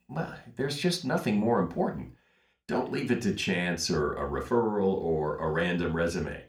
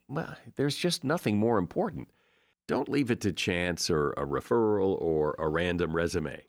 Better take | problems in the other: second | room echo; slight; dies away in 0.3 s

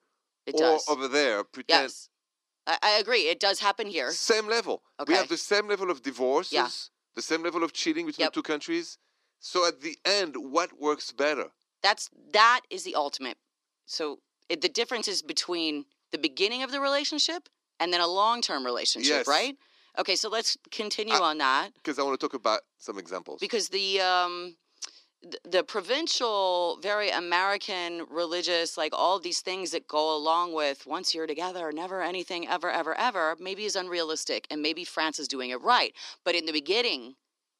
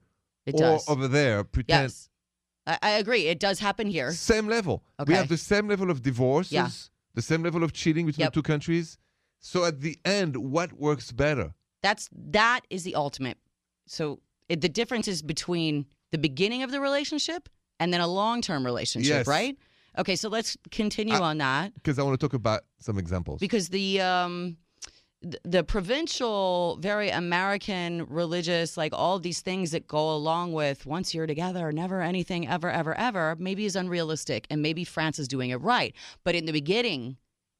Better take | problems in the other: second | thin; somewhat; fading below 300 Hz

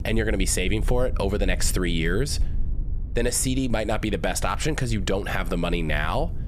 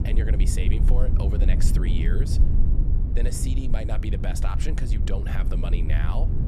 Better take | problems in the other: first | low rumble; loud; throughout; 4 dB below the speech; faint in the first

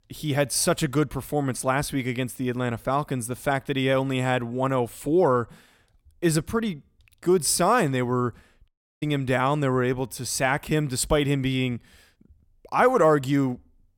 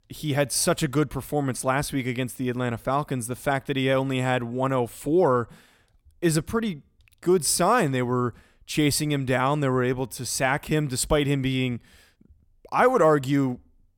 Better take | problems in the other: second | audio cutting out; at 8.5 s

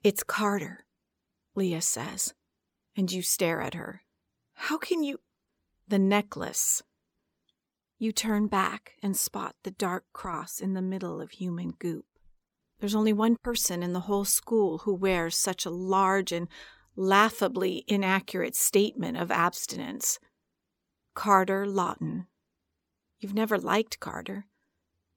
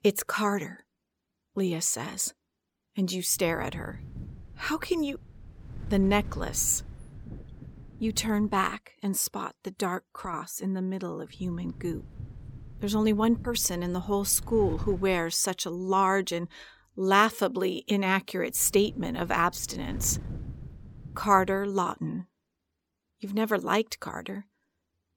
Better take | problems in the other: first | wind noise on the microphone; occasional gusts; from 3.5 to 8.5 s, from 11 to 15 s and from 19 to 22 s; 25 dB below the speech

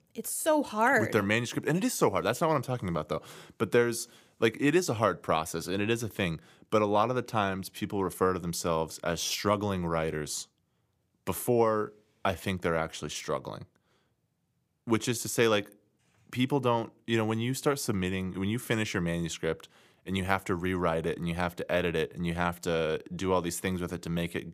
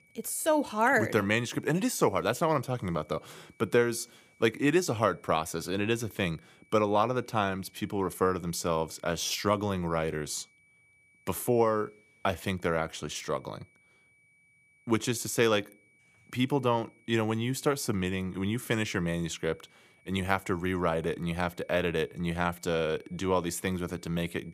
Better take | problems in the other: first | high-pitched whine; faint; throughout; 2.5 kHz, 30 dB below the speech

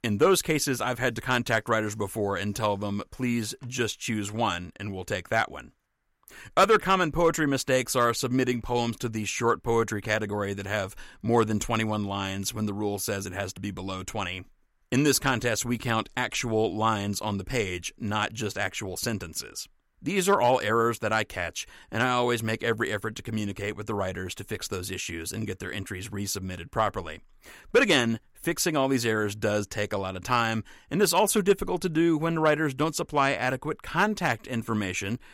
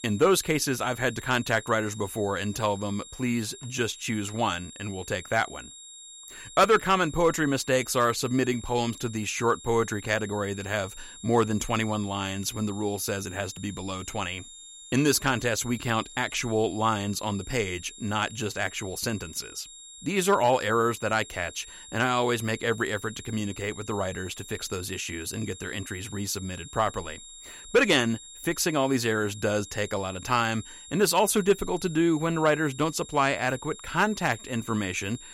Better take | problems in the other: first | high-pitched whine; noticeable; throughout; 7.5 kHz, 15 dB below the speech

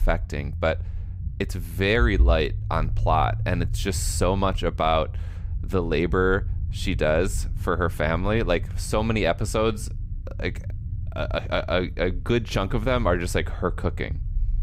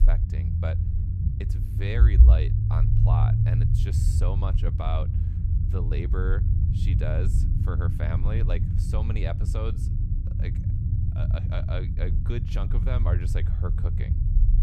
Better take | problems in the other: first | low rumble; loud; throughout; 2 dB below the speech; faint in the first

